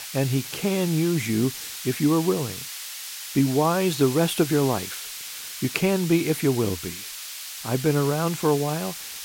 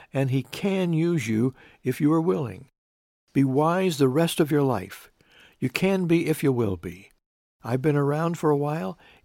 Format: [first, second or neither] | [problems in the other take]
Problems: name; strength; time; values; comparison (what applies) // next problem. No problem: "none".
second | hiss; loud; throughout; 9 dB below the speech